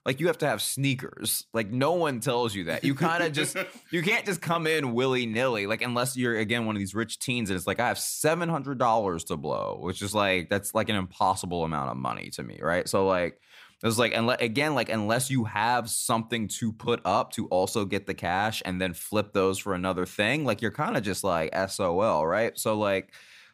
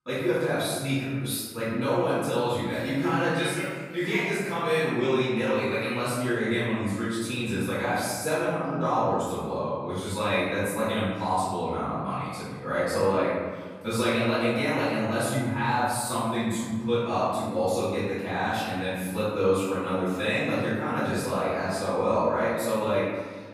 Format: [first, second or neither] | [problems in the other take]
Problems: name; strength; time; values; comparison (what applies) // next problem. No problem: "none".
first | room echo; strong; dies away in 1.4 s // off-mic speech; far